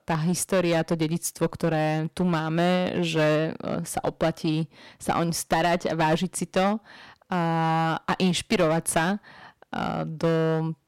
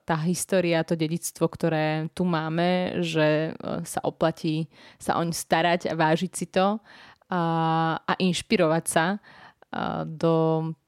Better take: second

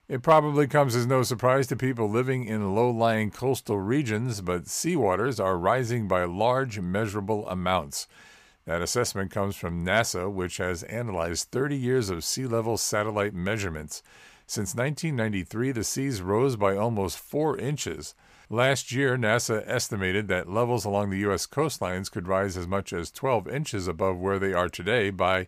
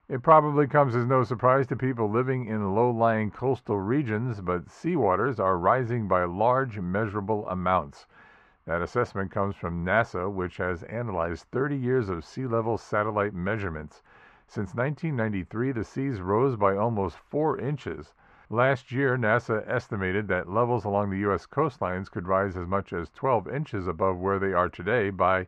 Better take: first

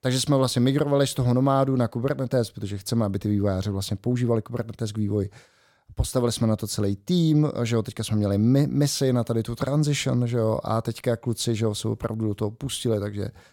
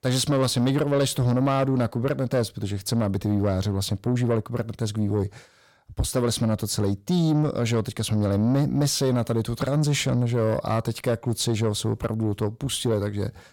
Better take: first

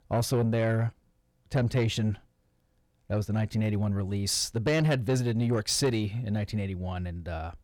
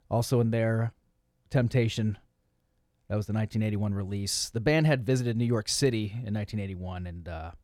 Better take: second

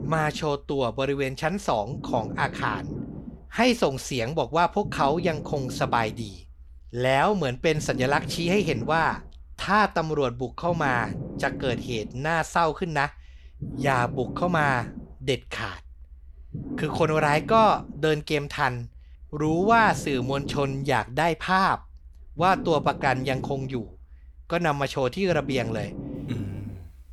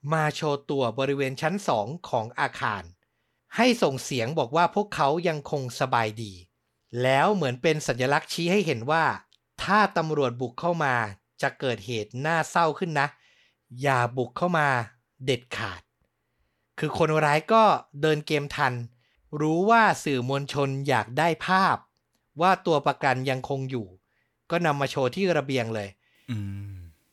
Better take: second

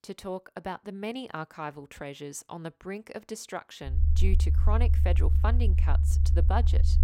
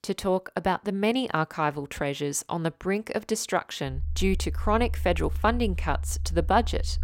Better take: second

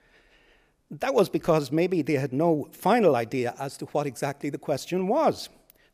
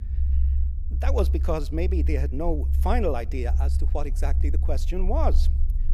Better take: first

